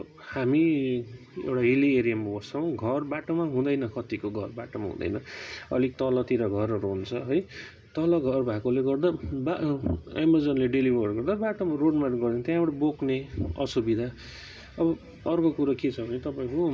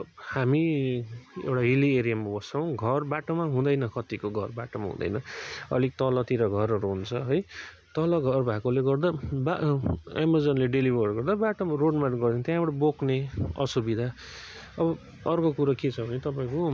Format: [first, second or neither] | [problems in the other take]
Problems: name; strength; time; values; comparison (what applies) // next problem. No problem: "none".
second | room echo; dies away in 2.1 s